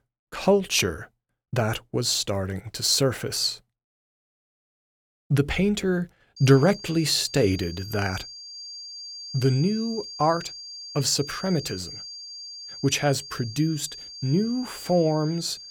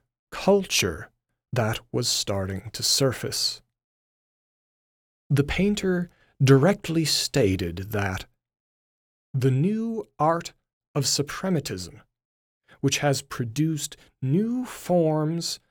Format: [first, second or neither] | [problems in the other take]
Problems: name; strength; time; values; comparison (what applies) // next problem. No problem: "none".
second | high-pitched whine; noticeable; from 6.5 s on; 4.5 kHz, 15 dB below the speech